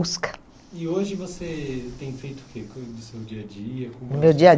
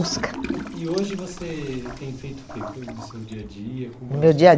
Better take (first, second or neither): first